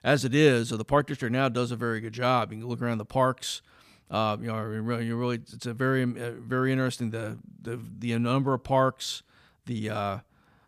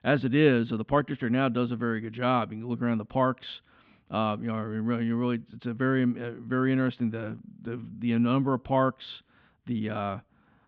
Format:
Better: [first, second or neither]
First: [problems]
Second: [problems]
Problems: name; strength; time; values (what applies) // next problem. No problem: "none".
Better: first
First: none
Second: muffled; very; fading above 3.5 kHz